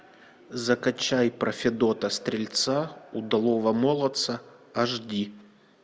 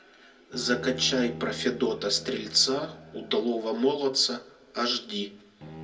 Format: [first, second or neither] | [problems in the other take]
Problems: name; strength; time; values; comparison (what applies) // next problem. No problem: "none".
first | background sound (Bowed string instrument); 16 dB below the speech // room echo; dies away in 0.2 s